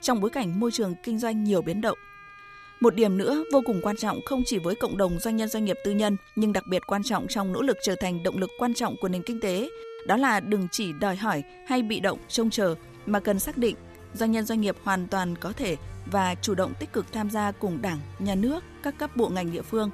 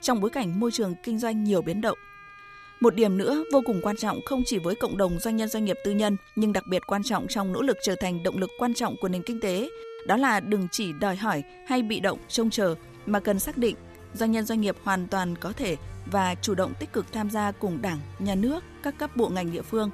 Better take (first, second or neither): neither